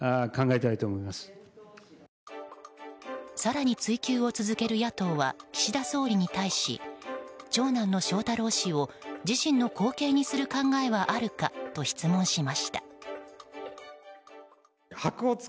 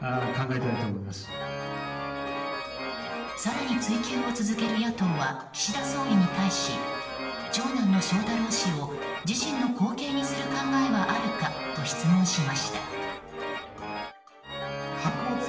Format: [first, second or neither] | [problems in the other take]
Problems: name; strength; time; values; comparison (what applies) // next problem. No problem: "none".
first | background sound (Organ); 6 dB below the speech // room echo; dies away in 0.9 s